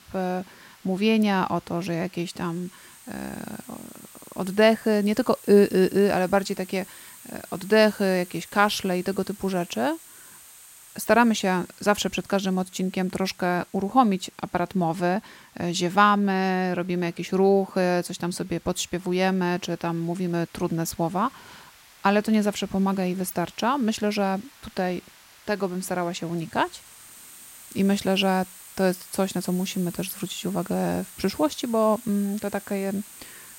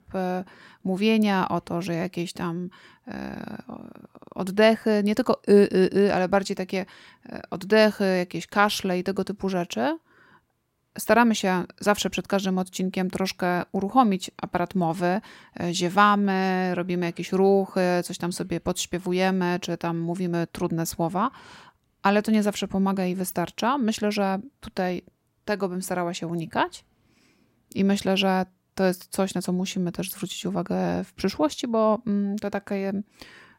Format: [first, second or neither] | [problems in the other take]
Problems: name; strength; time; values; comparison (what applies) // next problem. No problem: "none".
second | hiss; faint; throughout; 20 dB below the speech